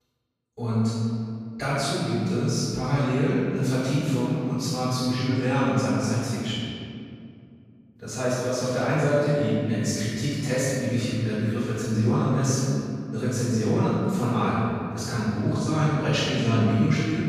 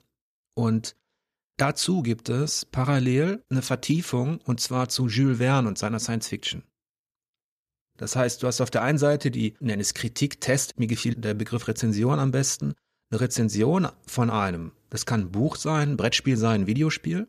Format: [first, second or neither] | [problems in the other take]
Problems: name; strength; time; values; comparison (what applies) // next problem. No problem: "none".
second | off-mic speech; far // room echo; strong; dies away in 2.2 s